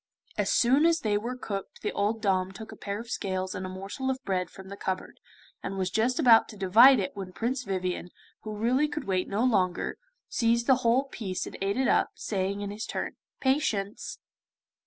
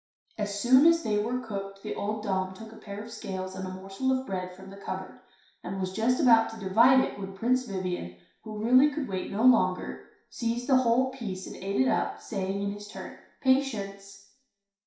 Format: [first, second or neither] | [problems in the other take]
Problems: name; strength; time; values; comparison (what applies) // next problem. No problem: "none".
first | room echo; dies away in 0.6 s